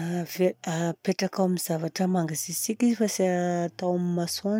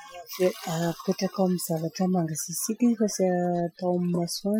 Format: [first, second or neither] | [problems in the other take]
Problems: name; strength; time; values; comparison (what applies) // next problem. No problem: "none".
first | noise reduction (classical method Wiener filter)